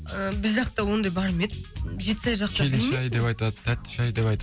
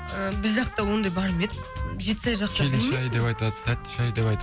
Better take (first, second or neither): first